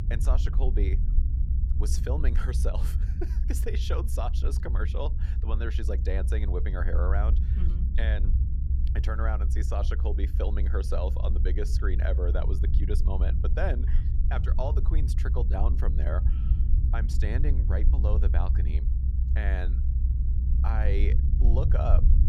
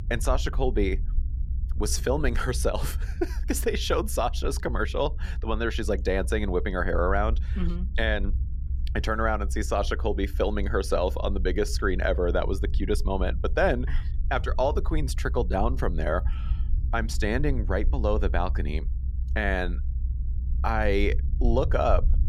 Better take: second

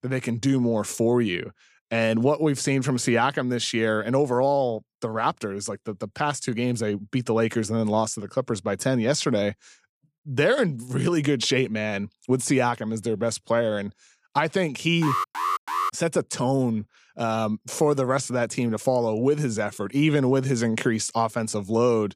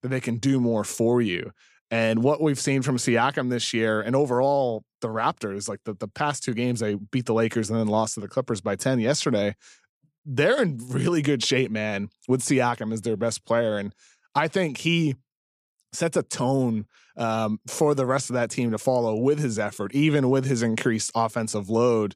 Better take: second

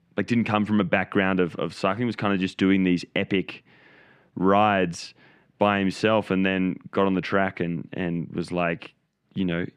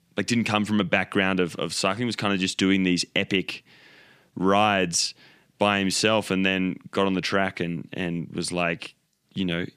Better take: second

